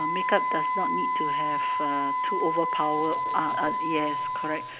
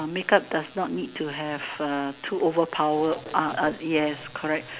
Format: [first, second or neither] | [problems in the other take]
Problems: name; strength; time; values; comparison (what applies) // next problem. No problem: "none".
second | background sound (Wind instrument, woodwind instrument); 3 dB above the speech